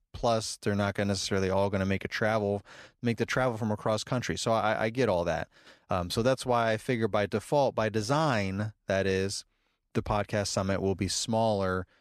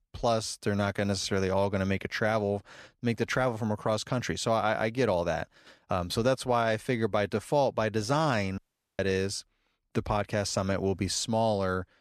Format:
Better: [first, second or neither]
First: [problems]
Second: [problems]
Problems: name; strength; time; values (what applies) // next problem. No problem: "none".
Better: first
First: none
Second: audio cutting out; at 8.5 s